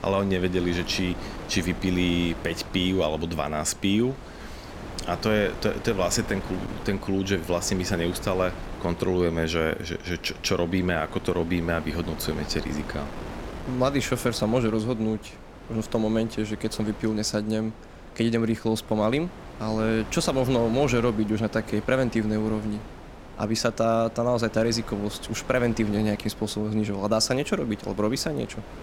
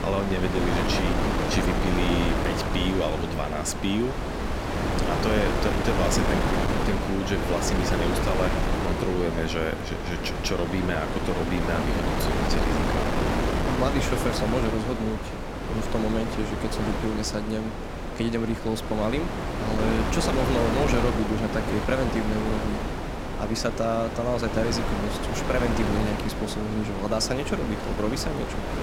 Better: first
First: wind noise on the microphone; occasional gusts; 15 dB below the speech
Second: wind noise on the microphone; heavy; 1 dB above the speech

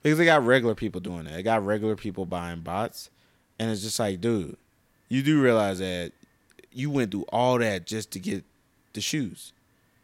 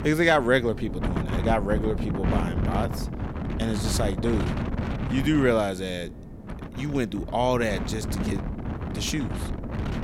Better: first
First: none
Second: wind noise on the microphone; heavy; 9 dB below the speech

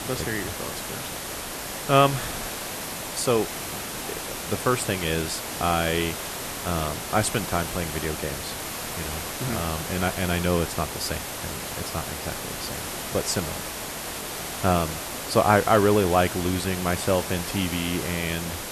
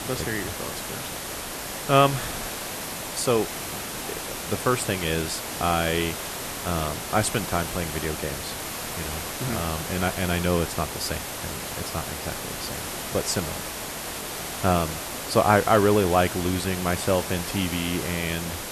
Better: neither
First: hiss; loud; throughout; 5 dB below the speech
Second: hiss; loud; throughout; 5 dB below the speech

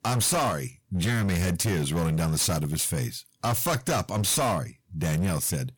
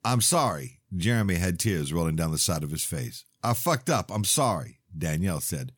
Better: second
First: distortion; heavy; 20% of the sound clipped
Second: none

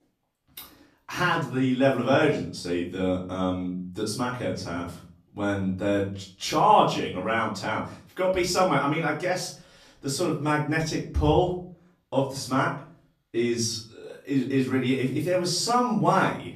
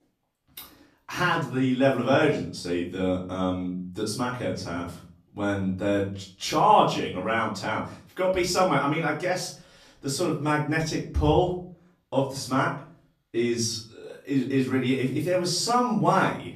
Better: neither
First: off-mic speech; far // room echo; slight; dies away in 0.4 s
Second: off-mic speech; far // room echo; slight; dies away in 0.4 s

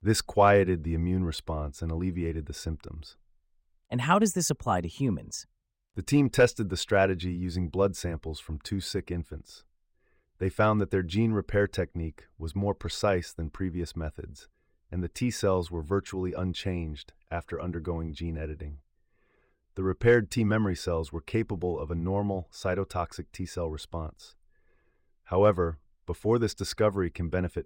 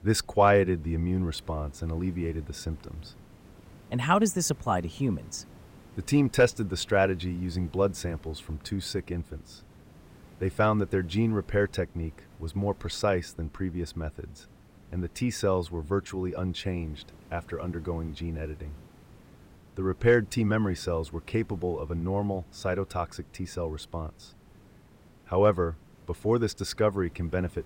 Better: first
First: none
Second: hiss; faint; throughout; 25 dB below the speech

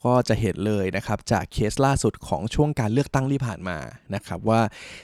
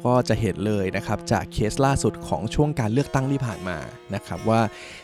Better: first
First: none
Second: background music; noticeable; throughout; 15 dB below the speech

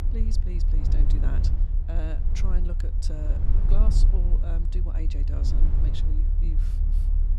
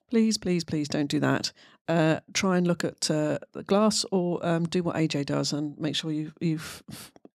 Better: second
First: low rumble; loud; throughout; 1 dB below the speech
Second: none

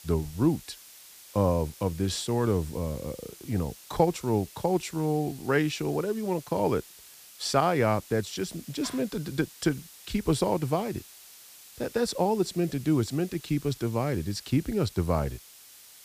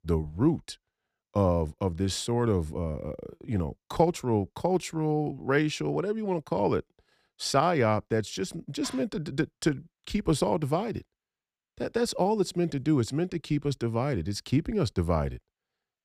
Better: second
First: hiss; noticeable; throughout; 20 dB below the speech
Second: none

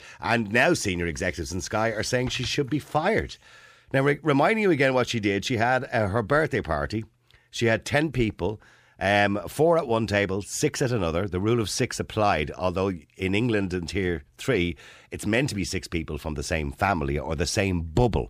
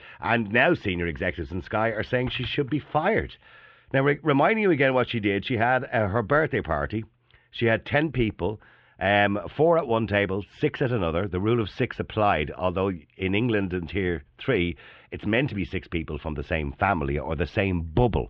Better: first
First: none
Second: muffled; very; fading above 3 kHz

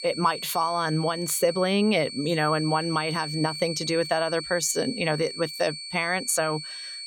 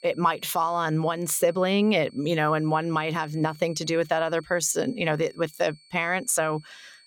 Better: second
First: high-pitched whine; loud; throughout; 4.5 kHz, 8 dB below the speech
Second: high-pitched whine; faint; throughout; 4.5 kHz, 25 dB below the speech

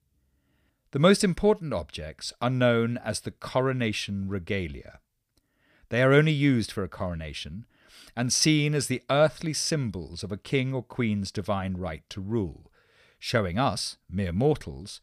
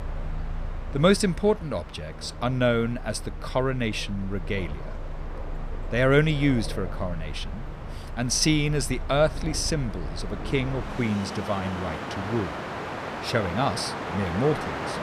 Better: first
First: none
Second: train or aircraft noise; loud; throughout; 9 dB below the speech

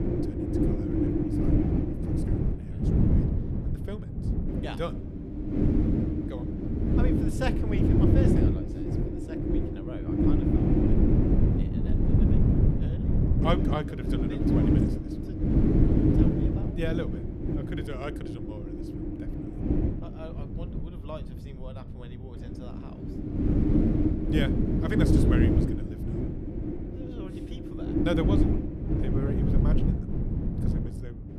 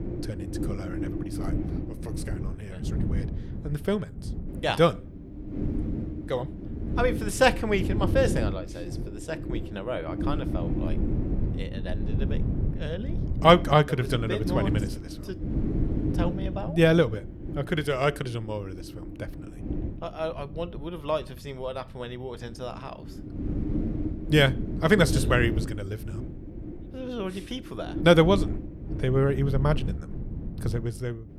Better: second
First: wind noise on the microphone; heavy; 5 dB above the speech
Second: wind noise on the microphone; occasional gusts; 15 dB below the speech

